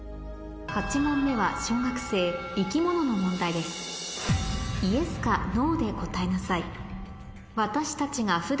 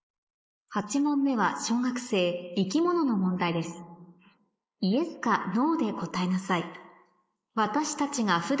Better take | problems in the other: first | noise reduction (neural mask model Resemble Enhance denoiser)

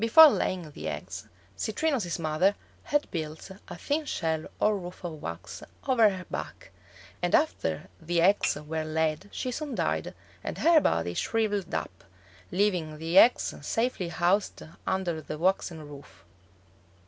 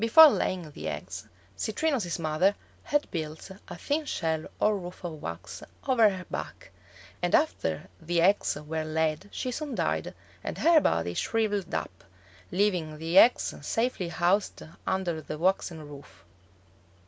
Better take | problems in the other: second | background sound (Dishes, pots, and pans / Chink, clink); 15 dB below the speech

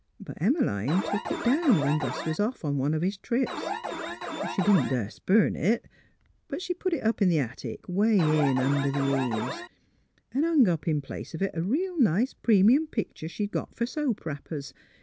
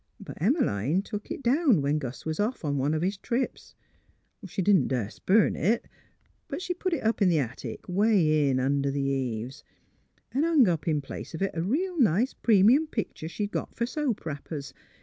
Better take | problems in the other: second | background sound (Alarm); 6 dB below the speech

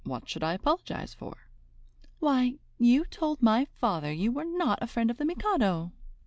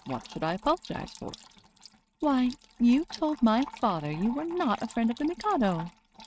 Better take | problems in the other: first | noise reduction (neural mask model RNNoise)

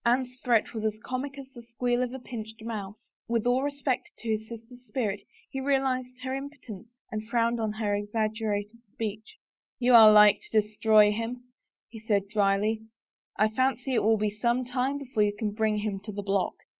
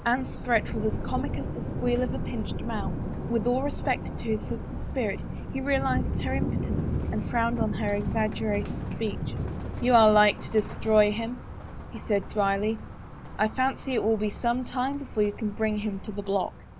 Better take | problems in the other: first | background sound (Thunder); 5 dB below the speech

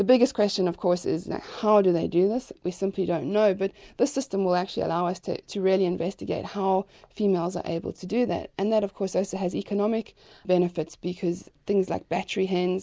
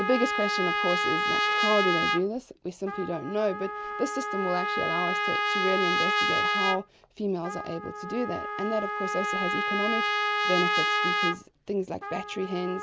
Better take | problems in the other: first | background sound (Trumpet); 2 dB above the speech

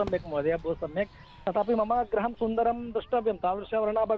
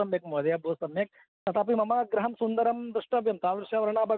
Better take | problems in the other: second | background sound (Bus + Crowd / Fireworks); 19 dB below the speech

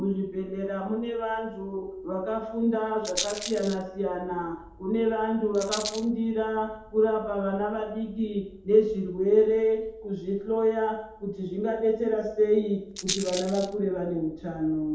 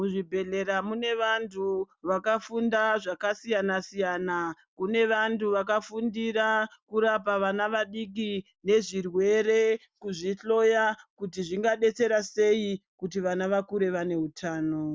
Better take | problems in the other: second | background sound (Rattle); 15 dB below the speech // room echo; dies away in 0.8 s

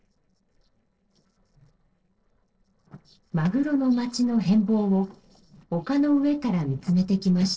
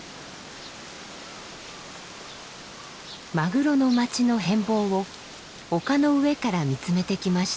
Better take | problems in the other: second | noise reduction (neural separator model SepFormer DNS4)

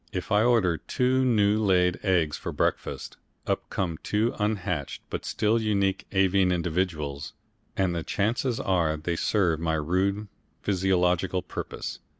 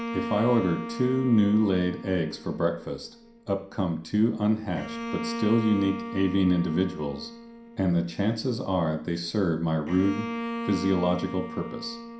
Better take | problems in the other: first | background sound (Bowed string instrument); 10 dB below the speech // room echo; dies away in 0.5 s

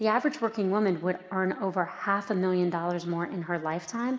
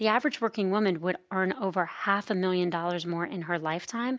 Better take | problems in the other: second | room echo; dies away in 1.3 s

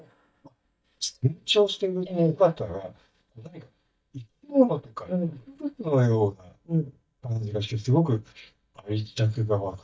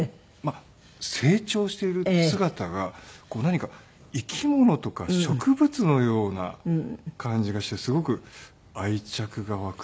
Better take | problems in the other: second | noise reduction (neural mask model DeepFilterNet 3)

